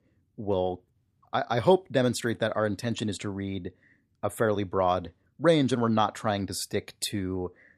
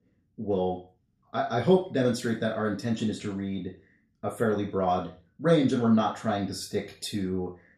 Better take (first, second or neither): first